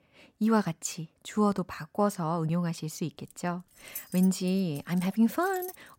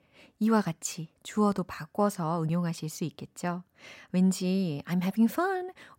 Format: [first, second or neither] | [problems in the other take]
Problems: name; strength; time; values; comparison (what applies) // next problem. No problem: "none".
second | jangling keys; noticeable; from 3.5 s on; peak 10 dB below the speech